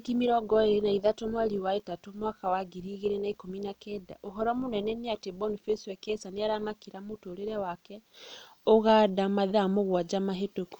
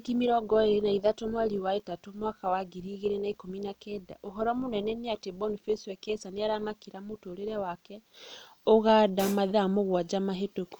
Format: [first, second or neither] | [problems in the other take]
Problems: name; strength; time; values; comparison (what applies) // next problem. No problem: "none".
first | background sound (Hi-hat); 14 dB below the speech